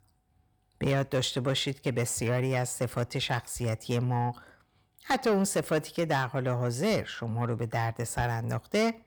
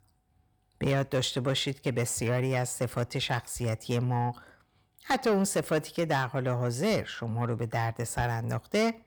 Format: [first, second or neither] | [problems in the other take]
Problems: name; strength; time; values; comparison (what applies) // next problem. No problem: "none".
neither | distortion; slight; 10 dB below the speech; the same in both